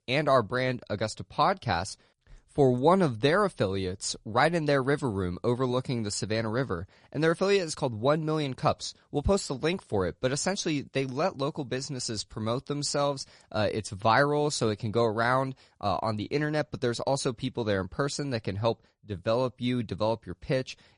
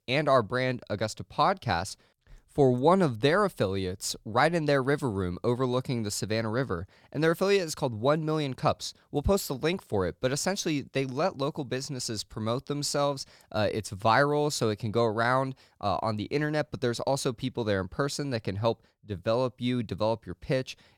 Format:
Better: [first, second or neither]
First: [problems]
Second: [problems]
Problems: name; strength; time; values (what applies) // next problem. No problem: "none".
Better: second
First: garbled, watery; slightly; nothing above 10 kHz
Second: none